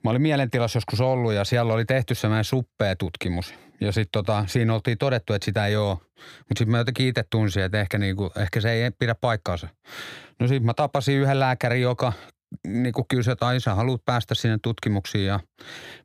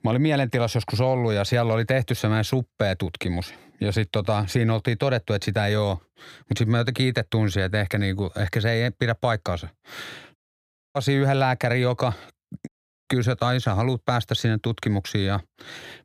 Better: first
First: none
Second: audio cutting out; at 10 s for 0.5 s and at 13 s

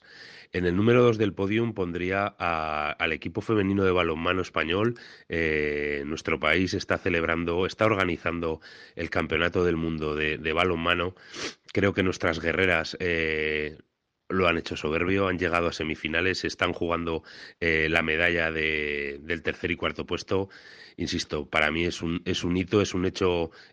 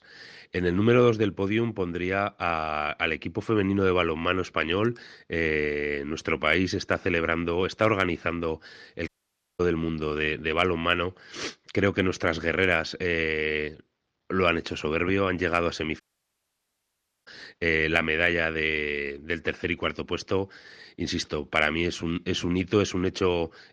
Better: first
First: none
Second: audio cutting out; at 9 s for 0.5 s and at 16 s for 1.5 s

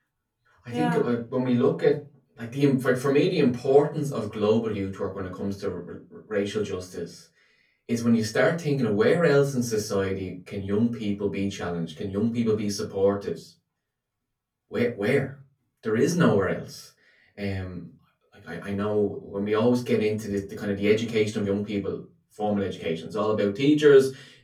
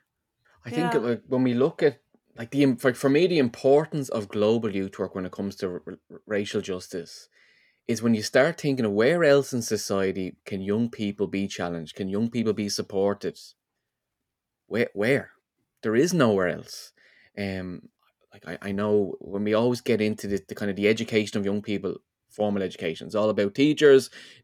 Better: second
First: off-mic speech; far // room echo; very slight; dies away in 0.3 s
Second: none

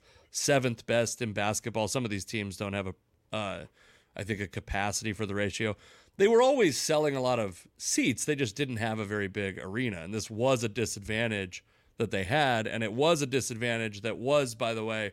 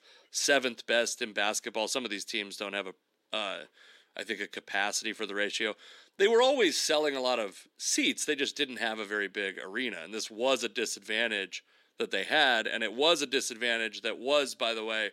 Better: first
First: none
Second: thin; very slightly; fading below 250 Hz

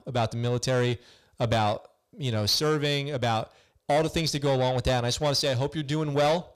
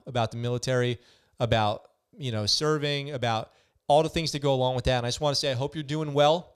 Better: second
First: distortion; slight; 10 dB below the speech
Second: none

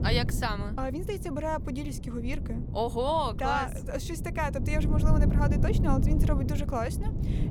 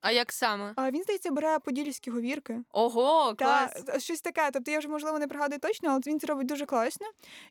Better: second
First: wind noise on the microphone; heavy; 10 dB below the speech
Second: none

